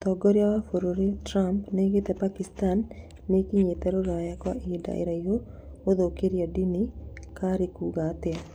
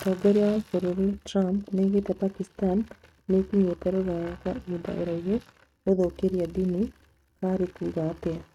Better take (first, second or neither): first